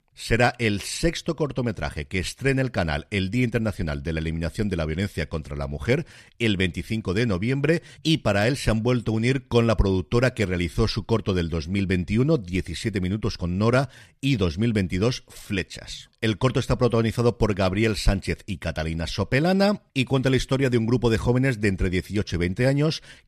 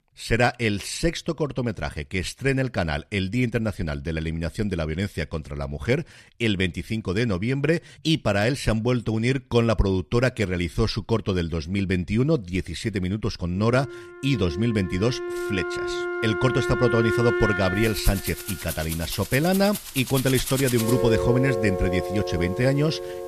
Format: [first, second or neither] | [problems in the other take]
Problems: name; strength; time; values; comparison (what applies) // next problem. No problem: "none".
first | background music; loud; from 12 s on; 4 dB below the speech